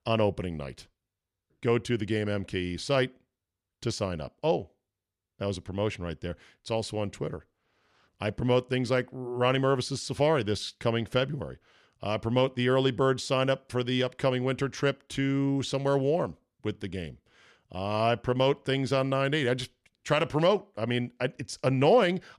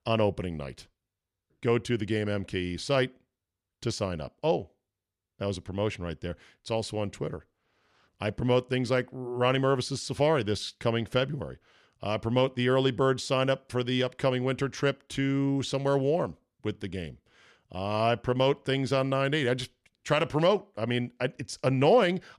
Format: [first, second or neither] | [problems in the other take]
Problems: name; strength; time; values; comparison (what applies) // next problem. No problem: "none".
neither | none